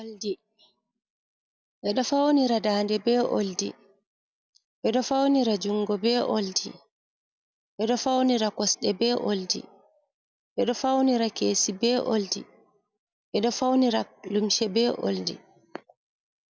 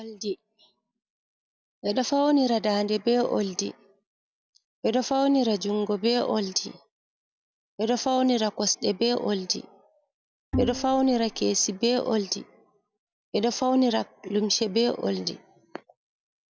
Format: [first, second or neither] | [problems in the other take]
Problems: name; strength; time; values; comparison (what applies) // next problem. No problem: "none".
first | background sound (Bowed string instrument); 5 dB below the speech